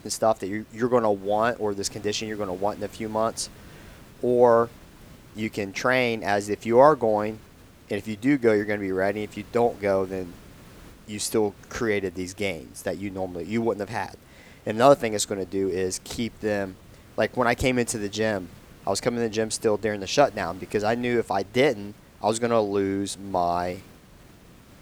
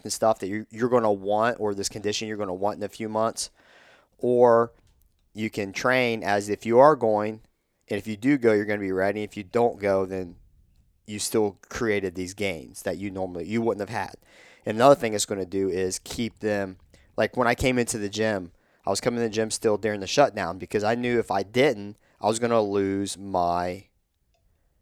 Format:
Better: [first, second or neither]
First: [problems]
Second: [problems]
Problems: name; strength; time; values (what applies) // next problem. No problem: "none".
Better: second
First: hiss; faint; throughout; 25 dB below the speech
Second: none